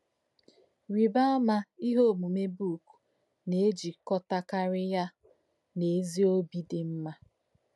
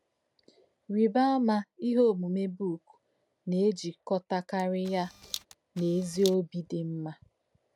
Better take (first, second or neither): first